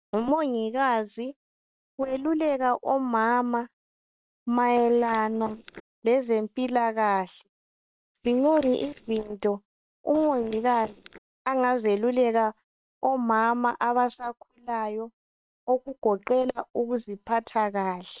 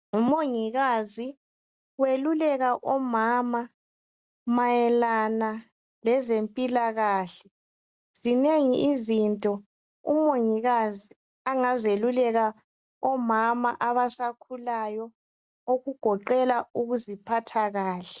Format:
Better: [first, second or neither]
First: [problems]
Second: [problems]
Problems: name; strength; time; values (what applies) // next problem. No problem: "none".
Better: second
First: noise reduction (neural separator model SepFormer WHAM!)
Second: none